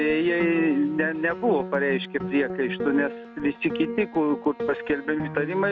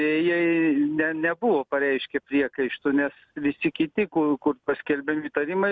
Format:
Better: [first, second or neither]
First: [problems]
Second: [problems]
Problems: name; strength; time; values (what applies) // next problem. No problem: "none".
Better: second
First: background sound (Piano); 9 dB below the speech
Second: none